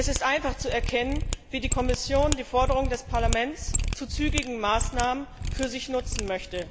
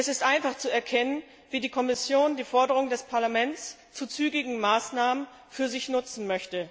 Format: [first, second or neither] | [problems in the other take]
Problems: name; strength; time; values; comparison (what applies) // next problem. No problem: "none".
second | background sound (Mechanisms); 1 dB below the speech